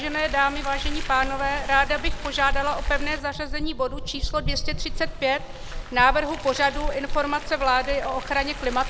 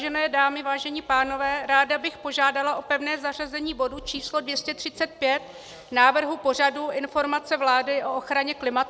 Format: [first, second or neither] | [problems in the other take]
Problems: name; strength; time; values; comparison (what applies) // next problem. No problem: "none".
second | background sound (Car); 4 dB below the speech